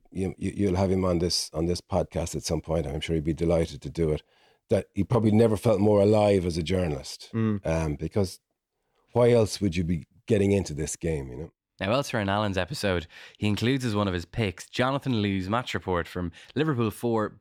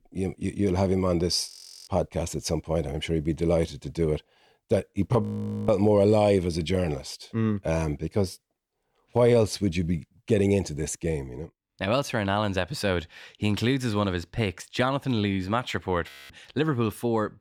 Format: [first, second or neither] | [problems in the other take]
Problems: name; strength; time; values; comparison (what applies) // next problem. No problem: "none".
first | audio freezing; at 1.5 s, at 5 s and at 16 s